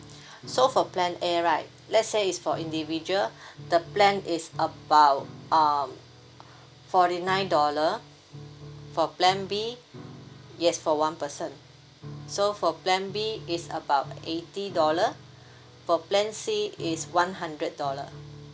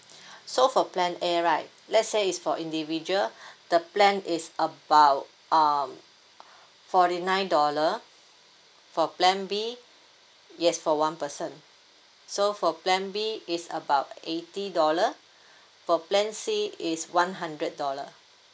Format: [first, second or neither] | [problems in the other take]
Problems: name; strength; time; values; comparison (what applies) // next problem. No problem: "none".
second | background sound (Piano); 18 dB below the speech